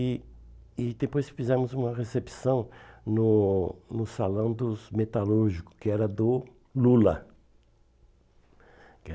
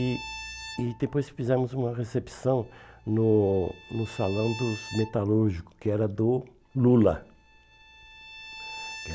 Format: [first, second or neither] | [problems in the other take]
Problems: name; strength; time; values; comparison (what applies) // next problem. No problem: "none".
first | background sound (Bowed string instrument); 17 dB below the speech